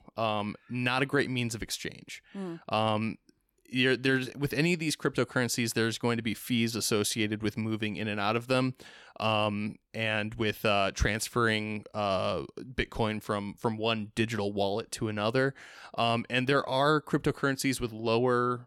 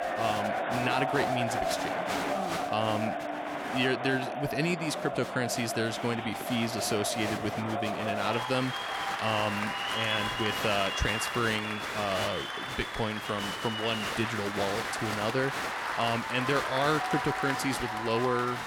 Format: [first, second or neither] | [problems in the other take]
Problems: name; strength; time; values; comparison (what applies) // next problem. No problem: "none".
first | crowd noise; loud; throughout; 1 dB below the speech